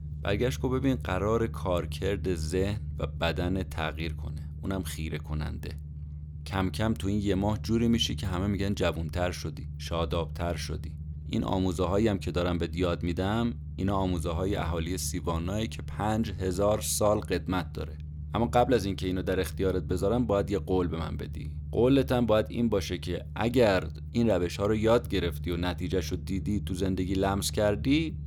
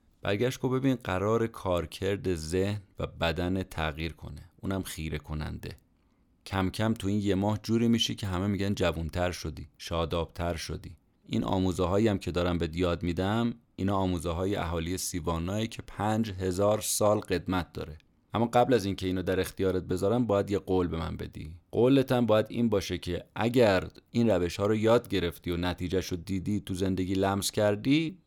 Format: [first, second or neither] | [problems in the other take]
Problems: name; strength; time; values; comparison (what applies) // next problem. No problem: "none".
second | low rumble; faint; throughout; 20 dB below the speech